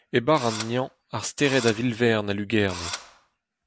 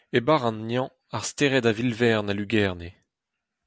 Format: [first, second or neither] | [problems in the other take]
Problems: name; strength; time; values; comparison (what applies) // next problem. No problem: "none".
second | background sound (Engine / Drill); 12 dB below the speech